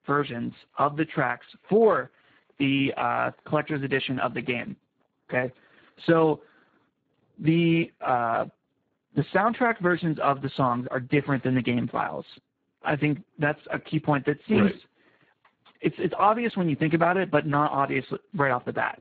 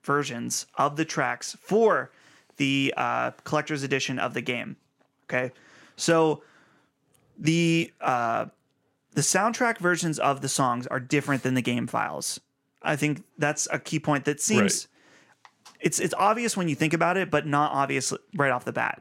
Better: second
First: garbled, watery; badly; nothing above 4 kHz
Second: none

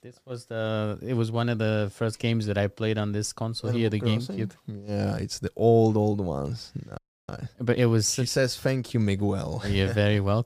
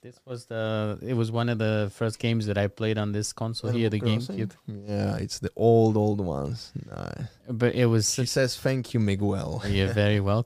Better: second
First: audio freezing; at 7 s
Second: none

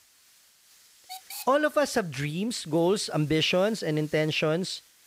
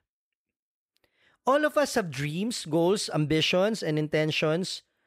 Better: second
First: hiss; faint; throughout; 20 dB below the speech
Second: none

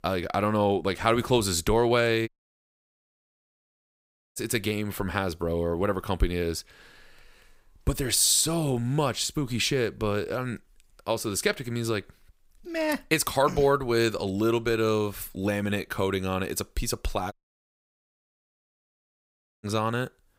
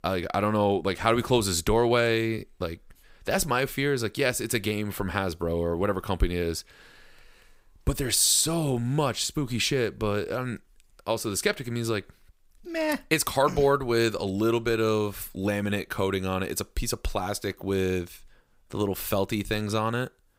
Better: second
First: audio cutting out; at 2.5 s for 2 s and at 17 s for 2.5 s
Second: none

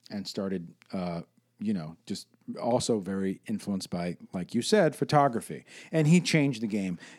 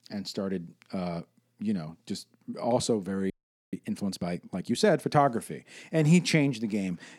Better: first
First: none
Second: audio freezing; at 3.5 s

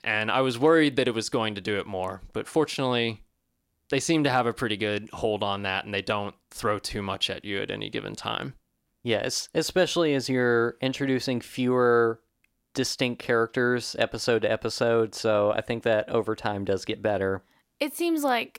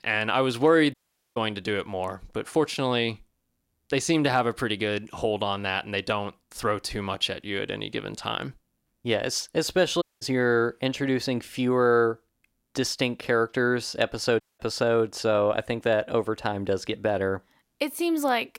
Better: first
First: none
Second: audio cutting out; at 1 s, at 10 s and at 14 s

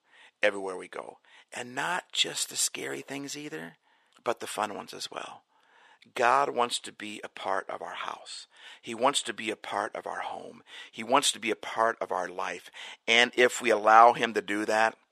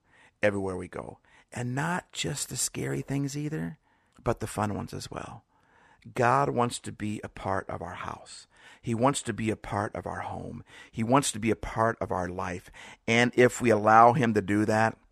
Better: second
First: thin; somewhat; fading below 450 Hz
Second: none

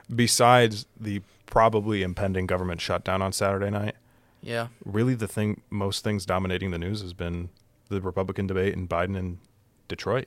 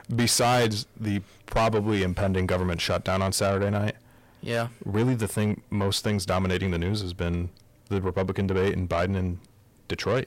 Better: first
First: none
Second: distortion; heavy; 7 dB below the speech

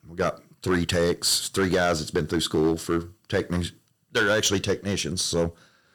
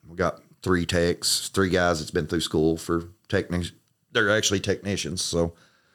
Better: second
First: distortion; slight; 4% of the sound clipped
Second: none

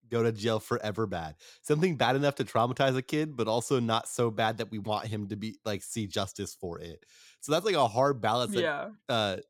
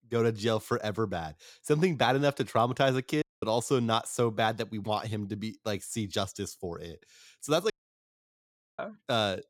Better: first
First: none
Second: audio cutting out; at 3 s and at 7.5 s for 1 s

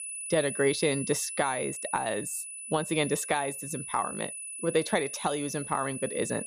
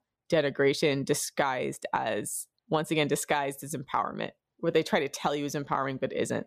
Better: second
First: high-pitched whine; loud; throughout; 10 kHz, 6 dB below the speech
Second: none

